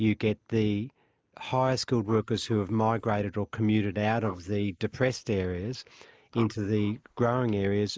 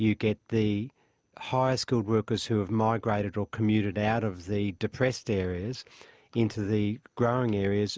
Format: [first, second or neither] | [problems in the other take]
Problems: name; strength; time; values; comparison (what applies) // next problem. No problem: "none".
second | noise reduction (neural mask model Resemble Enhance denoiser)